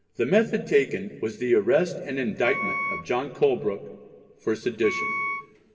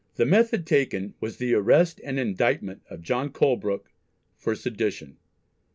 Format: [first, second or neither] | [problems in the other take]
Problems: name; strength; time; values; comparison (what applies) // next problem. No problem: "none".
second | background sound (Wind instrument, woodwind instrument); 6 dB below the speech // room echo; dies away in 1.5 s